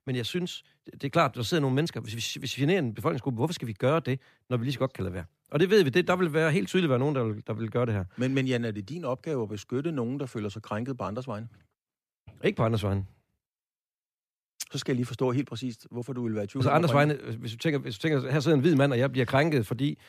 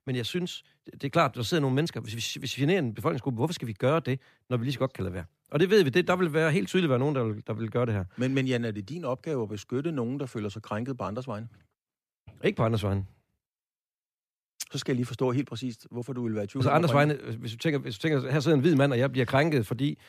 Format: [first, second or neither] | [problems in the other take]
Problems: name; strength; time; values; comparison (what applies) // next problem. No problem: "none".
neither | none